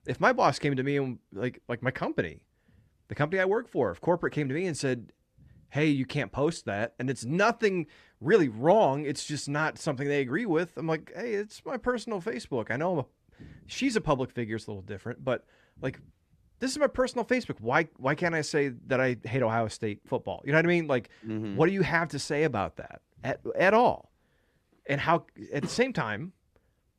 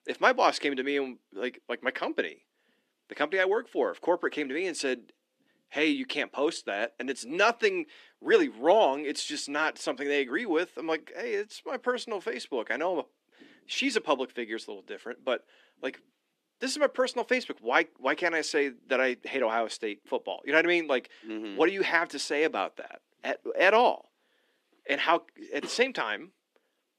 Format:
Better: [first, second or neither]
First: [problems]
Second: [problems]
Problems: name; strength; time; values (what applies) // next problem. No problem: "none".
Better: first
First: none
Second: thin; very slightly; fading below 250 Hz